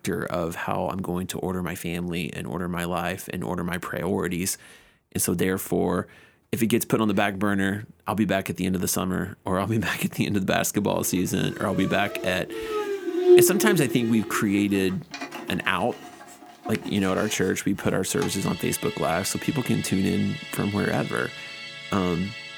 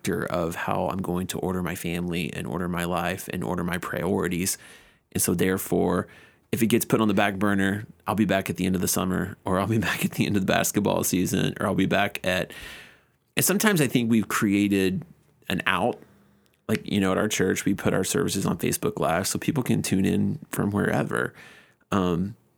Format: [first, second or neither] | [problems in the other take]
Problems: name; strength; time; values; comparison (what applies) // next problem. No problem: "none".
second | background music; loud; from 11 s on; 3 dB below the speech